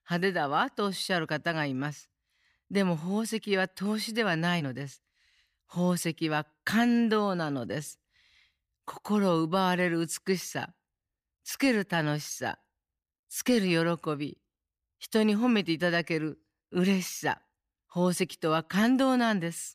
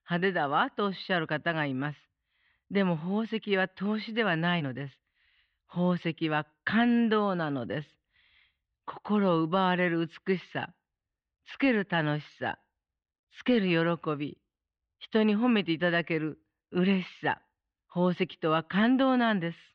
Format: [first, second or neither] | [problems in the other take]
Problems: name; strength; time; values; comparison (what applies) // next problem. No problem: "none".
first | muffled; slightly; fading above 3.5 kHz